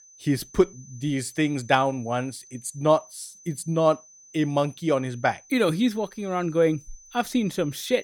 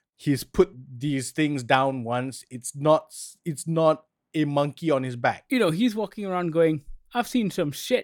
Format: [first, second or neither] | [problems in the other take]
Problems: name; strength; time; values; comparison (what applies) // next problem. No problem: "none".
second | high-pitched whine; faint; throughout; 6 kHz, 25 dB below the speech